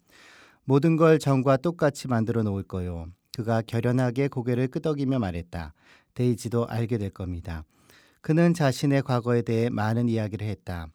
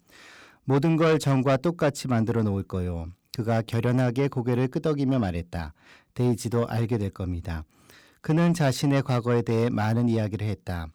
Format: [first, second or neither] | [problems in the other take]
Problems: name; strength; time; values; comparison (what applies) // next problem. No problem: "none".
first | distortion; slight; 10 dB below the speech